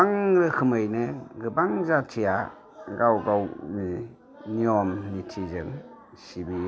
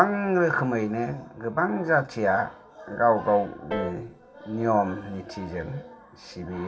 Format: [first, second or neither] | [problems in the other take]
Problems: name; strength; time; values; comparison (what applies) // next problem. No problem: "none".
first | background sound (Piano); 13 dB below the speech // room echo; dies away in 0.2 s